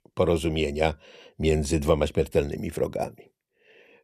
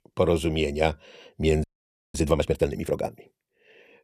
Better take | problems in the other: first | audio freezing; at 1.5 s for 0.5 s

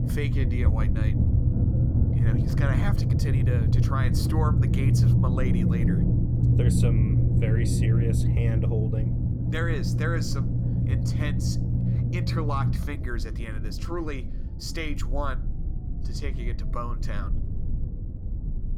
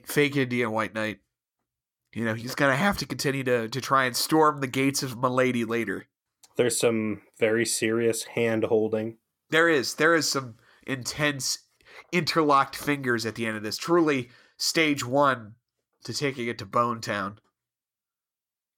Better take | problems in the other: second | low rumble; loud; throughout; as loud as the speech

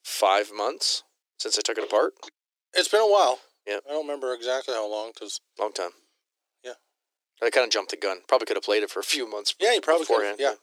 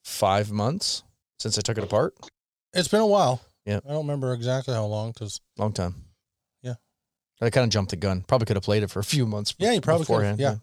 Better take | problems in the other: second | thin; very; fading below 300 Hz

